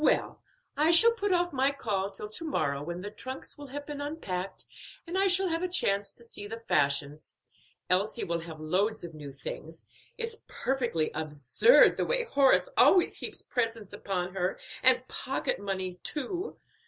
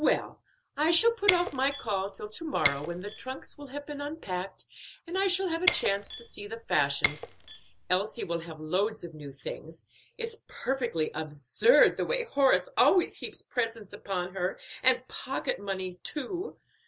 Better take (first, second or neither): first